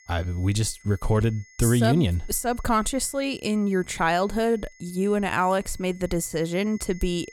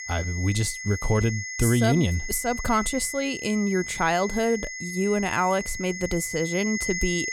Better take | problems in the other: first | high-pitched whine; loud; throughout; 2 kHz, 7 dB below the speech; faint in the first

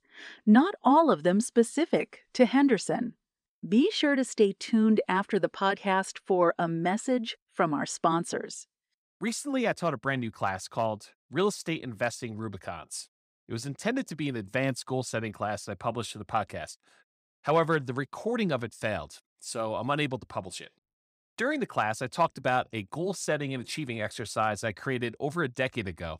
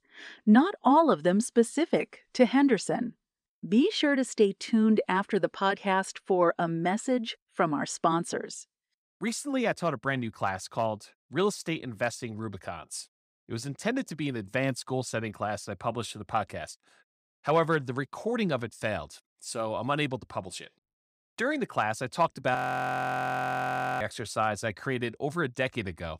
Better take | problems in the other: first | audio freezing; at 23 s for 1.5 s

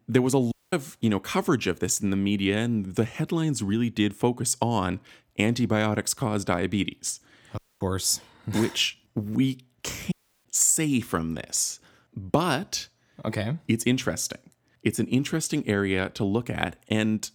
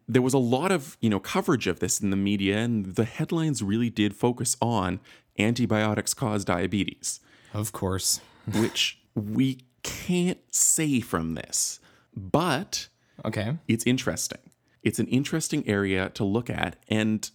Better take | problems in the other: second | audio cutting out; at 0.5 s, at 7.5 s and at 10 s

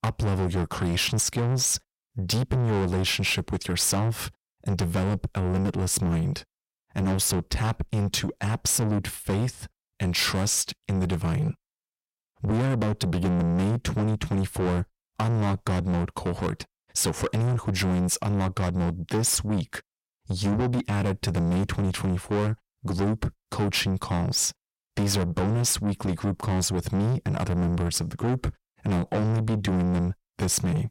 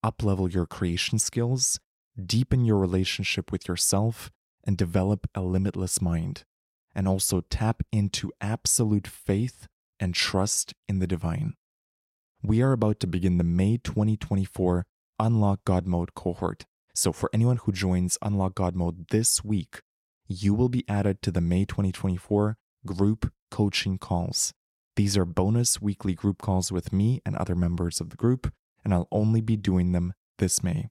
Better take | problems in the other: second | distortion; heavy; 6 dB below the speech

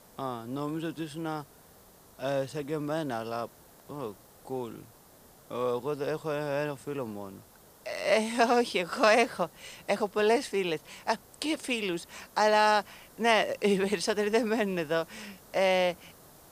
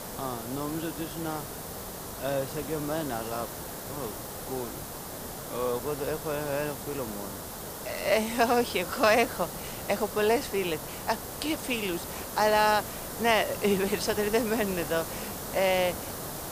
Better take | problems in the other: first | hiss; loud; throughout; 8 dB below the speech; faint in the first

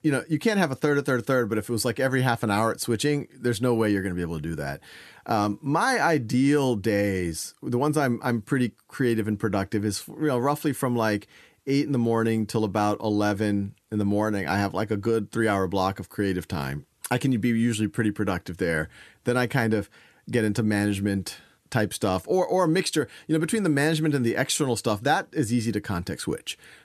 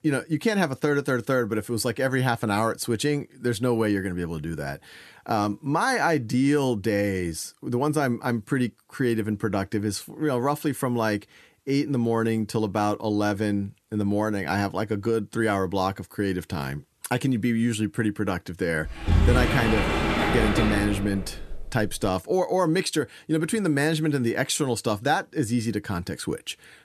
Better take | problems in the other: first | door banging; loud; from 19 to 22 s; peak 5 dB above the speech

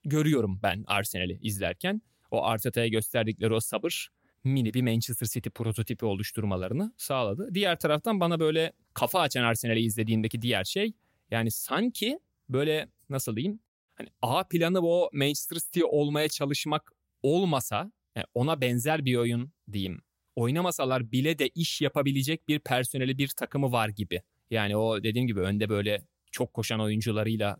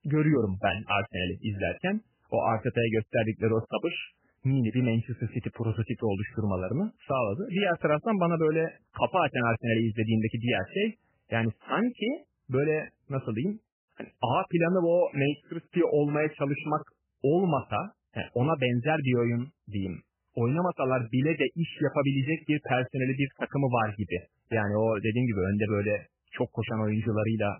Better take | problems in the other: first | garbled, watery; badly; nothing above 3 kHz

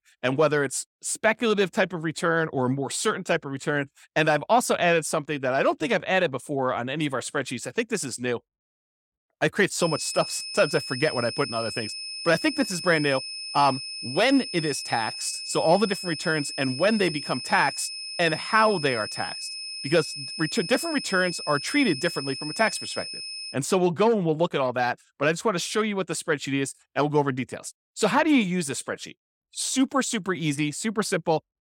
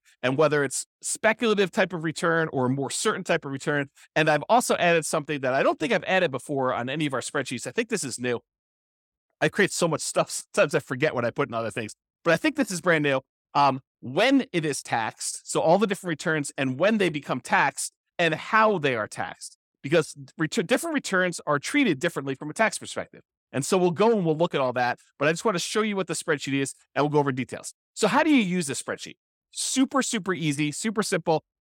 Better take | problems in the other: second | high-pitched whine; loud; from 10 to 24 s; 5 kHz, 7 dB below the speech

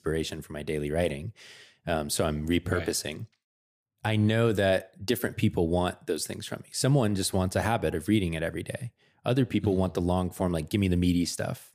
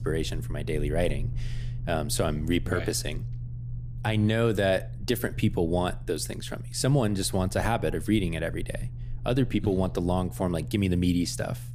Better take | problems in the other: first | low rumble; faint; throughout; 20 dB below the speech

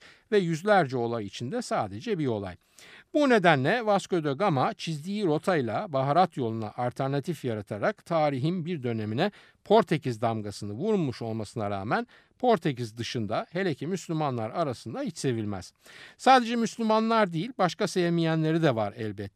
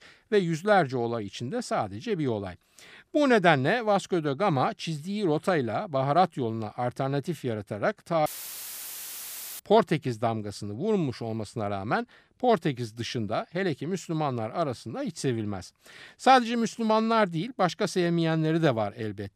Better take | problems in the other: first | audio cutting out; filled with static; at 8.5 s for 1.5 s

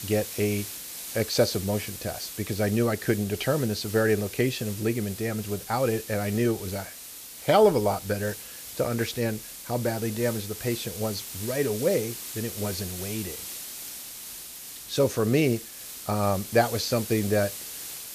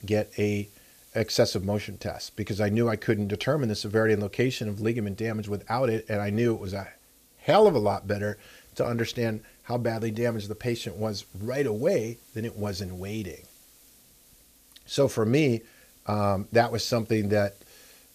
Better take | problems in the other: second | hiss; loud; throughout; 9 dB below the speech; faint in the second

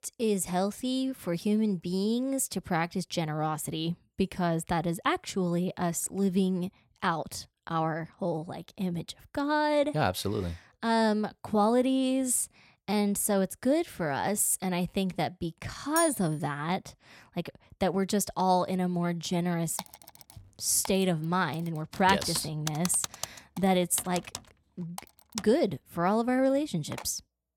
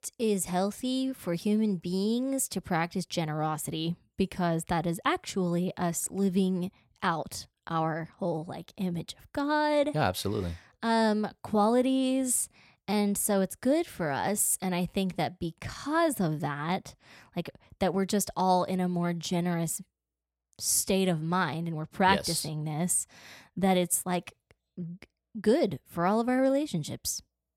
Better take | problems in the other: second | clattering dishes; noticeable; at 16 s; peak 3 dB below the speech // keyboard typing; noticeable; from 20 to 27 s; peak 7 dB below the speech

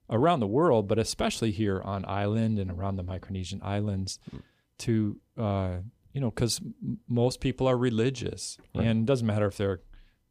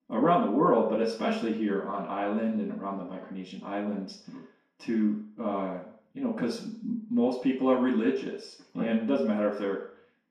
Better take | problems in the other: first | room echo; noticeable; dies away in 0.6 s // off-mic speech; far

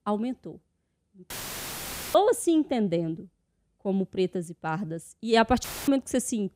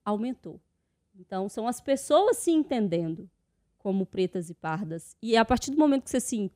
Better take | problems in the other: second | audio cutting out; filled with static; at 1.5 s for 1 s and at 5.5 s

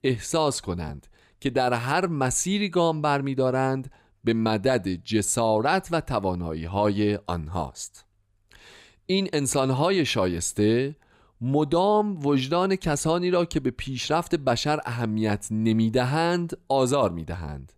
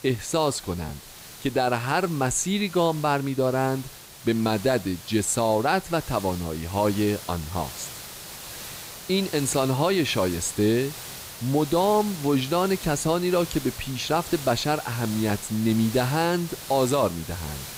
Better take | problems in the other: first | hiss; noticeable; throughout; 15 dB below the speech

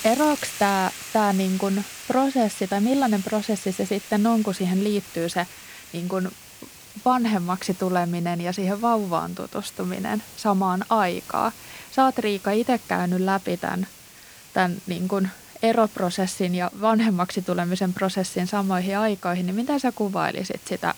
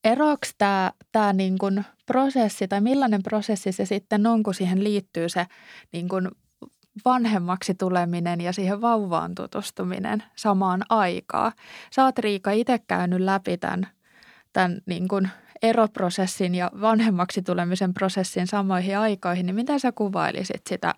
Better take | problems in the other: second | hiss; noticeable; throughout; 15 dB below the speech

